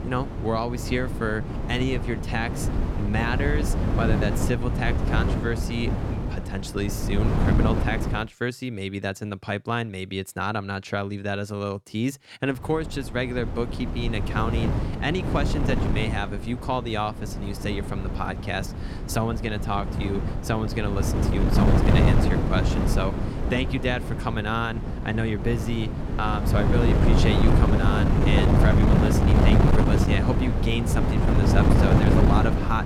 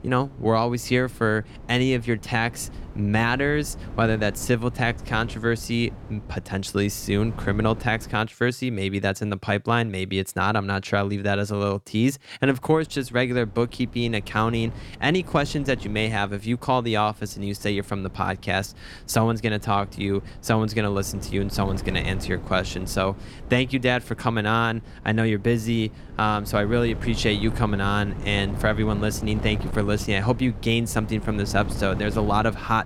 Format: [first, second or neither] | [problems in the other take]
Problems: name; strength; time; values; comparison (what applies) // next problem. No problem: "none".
second | wind noise on the microphone; heavy; until 8 s and from 13 s on; 1 dB below the speech; occasional gusts in the second